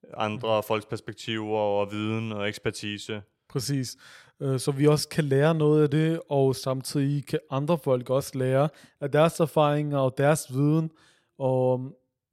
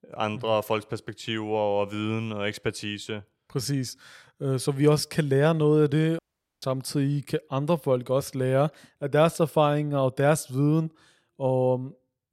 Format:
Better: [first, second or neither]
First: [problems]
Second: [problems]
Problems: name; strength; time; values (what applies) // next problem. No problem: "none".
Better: first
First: none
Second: audio cutting out; at 6 s